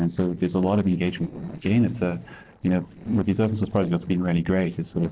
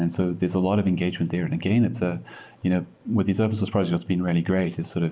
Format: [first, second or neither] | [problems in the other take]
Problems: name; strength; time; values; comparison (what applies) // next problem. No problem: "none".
second | noise reduction (neural separator model SepFormer DNS4)